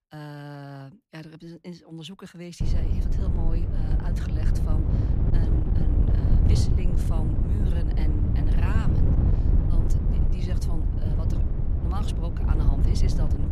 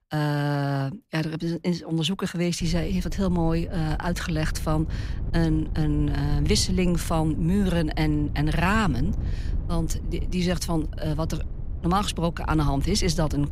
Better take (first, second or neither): second